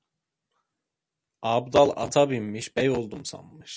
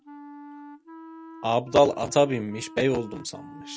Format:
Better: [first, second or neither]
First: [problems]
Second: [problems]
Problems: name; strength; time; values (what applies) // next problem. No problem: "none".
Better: first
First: none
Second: background sound (Wind instrument, woodwind instrument); 18 dB below the speech